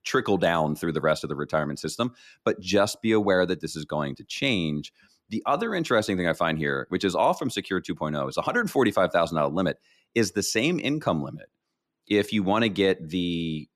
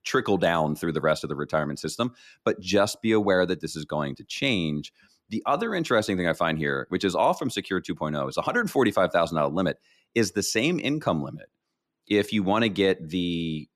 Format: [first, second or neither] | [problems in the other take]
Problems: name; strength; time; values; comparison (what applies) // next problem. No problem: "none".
neither | none